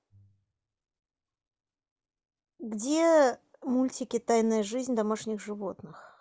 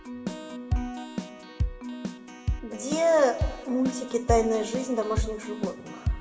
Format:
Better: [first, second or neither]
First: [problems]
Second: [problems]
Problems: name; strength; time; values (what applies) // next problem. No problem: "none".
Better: first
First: none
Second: background sound (Keyboard (musical)); 3 dB below the speech // room echo; dies away in 1.3 s